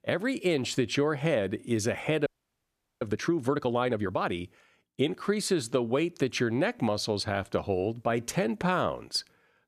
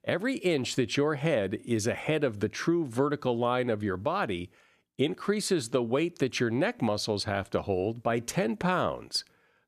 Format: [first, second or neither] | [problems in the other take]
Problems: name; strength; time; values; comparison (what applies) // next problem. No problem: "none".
second | audio freezing; at 2.5 s for 1 s